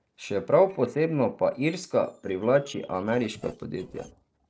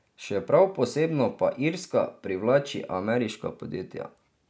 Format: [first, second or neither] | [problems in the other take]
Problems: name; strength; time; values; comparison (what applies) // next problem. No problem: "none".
second | noise reduction (neural separator model SepFormer DNS4)